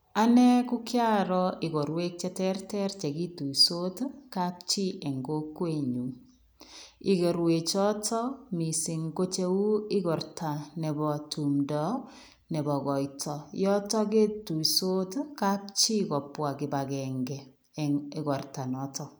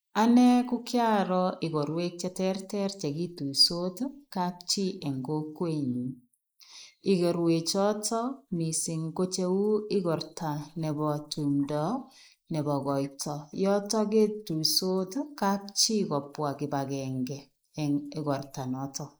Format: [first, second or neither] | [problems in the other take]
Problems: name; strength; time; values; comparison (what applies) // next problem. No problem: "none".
first | noise reduction (neural mask model Resemble Enhance denoiser)